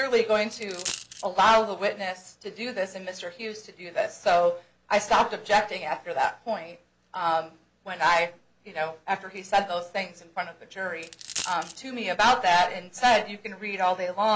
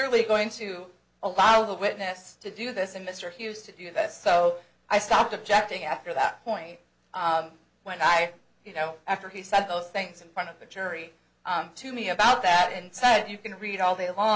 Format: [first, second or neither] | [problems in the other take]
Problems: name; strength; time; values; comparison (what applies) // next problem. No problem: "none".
second | background sound (Coin (dropping)); 10 dB below the speech